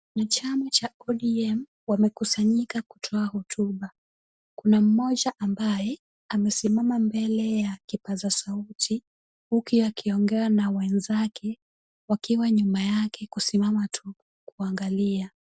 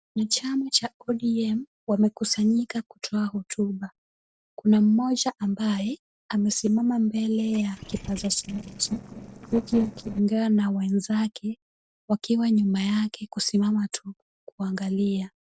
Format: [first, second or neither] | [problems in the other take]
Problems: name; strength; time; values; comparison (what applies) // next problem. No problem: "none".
first | noise reduction (neural separator model SepFormer DNS4)